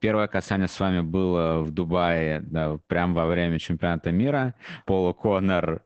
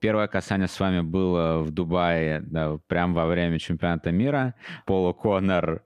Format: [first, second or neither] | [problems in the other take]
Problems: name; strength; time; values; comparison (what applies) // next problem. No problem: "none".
second | garbled, watery; badly; nothing above 8 kHz